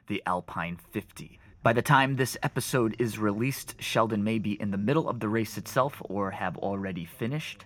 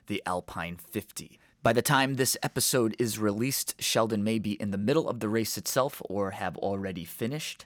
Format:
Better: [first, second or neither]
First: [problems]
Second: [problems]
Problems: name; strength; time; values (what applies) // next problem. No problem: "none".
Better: second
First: room echo; noticeable; dies away in 3 s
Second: none